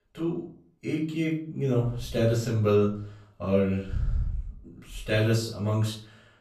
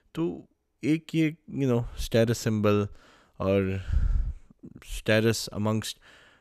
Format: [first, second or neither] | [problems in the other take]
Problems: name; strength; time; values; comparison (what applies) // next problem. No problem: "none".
second | off-mic speech; far // room echo; slight; dies away in 0.5 s